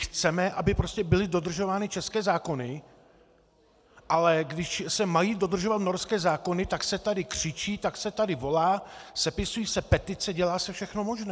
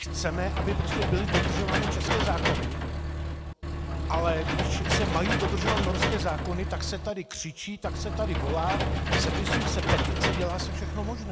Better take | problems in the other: first | background sound (Engine / Mechanisms); 5 dB above the speech

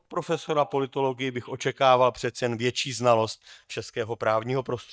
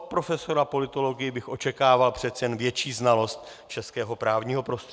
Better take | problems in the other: second | noise reduction (neural mask model DeepFilterNet 3)

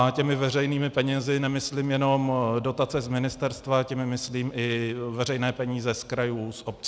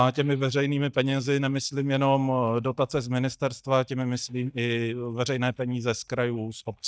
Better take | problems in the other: first | noise reduction (neural mask model DeepFilterNet 3)

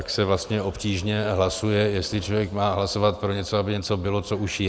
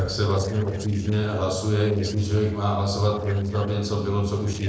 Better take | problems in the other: first | noise reduction (neural separator model SepFormer DNS4)

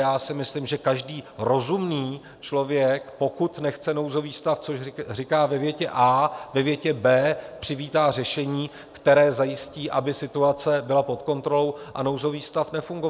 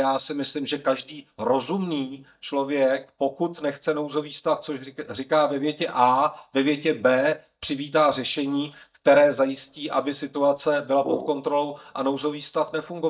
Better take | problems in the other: first | noise reduction (neural mask model DeepFilterNet 3)

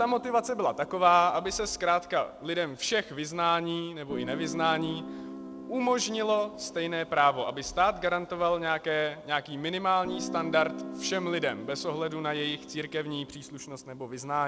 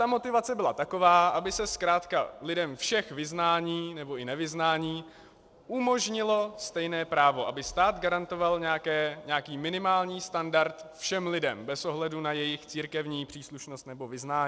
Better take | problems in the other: second | background sound (Guitar); 14 dB below the speech

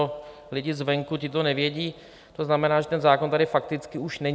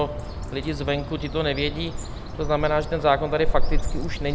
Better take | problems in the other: first | background sound (Bird); as loud as the speech

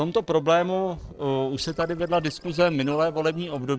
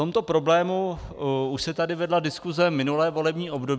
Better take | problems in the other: second | noise reduction (neural separator model SepFormer DNS4)

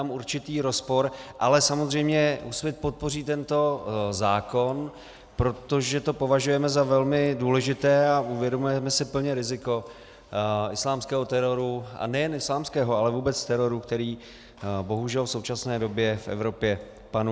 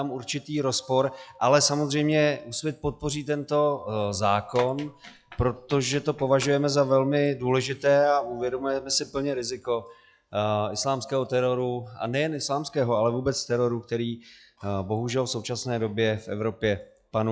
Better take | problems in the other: first | noise reduction (classical method log-MMSE)

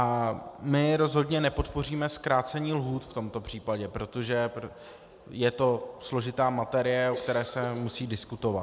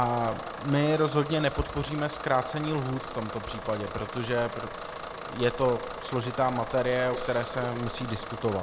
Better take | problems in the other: first | background sound (Bus / Engine); 9 dB below the speech

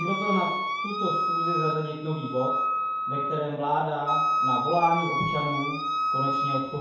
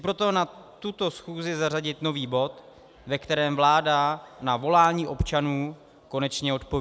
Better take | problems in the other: second | background sound (Wind instrument, woodwind instrument); 1 dB above the speech // room echo; dies away in 0.9 s

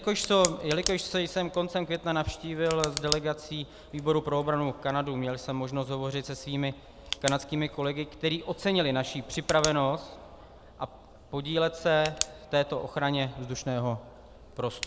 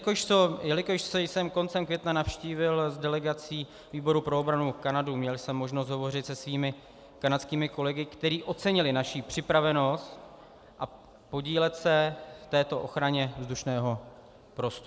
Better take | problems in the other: second | background sound (Tick); 12 dB below the speech

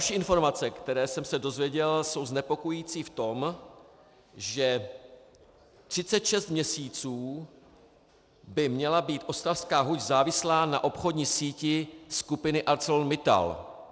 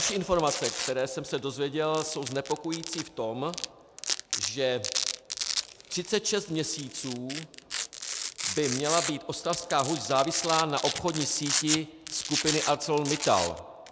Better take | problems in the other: first | background sound (Domestic sounds, home sounds); 5 dB below the speech

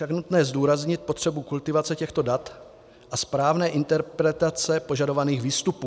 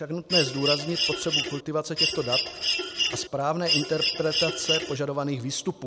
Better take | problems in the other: first | background sound (Mechanisms); 2 dB above the speech

